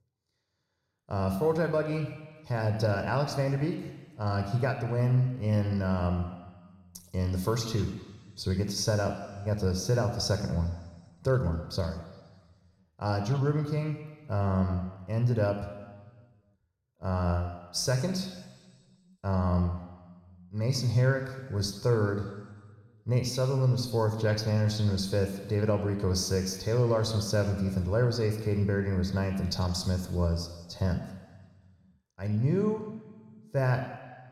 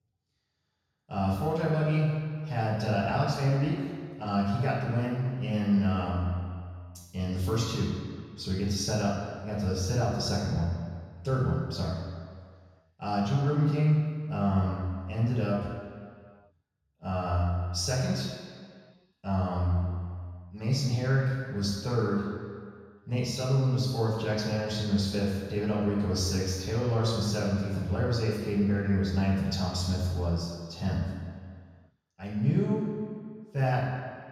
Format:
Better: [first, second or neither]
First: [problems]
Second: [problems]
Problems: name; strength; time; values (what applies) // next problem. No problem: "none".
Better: first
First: room echo; slight; dies away in 1.3 s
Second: room echo; strong; dies away in 1.7 s // off-mic speech; far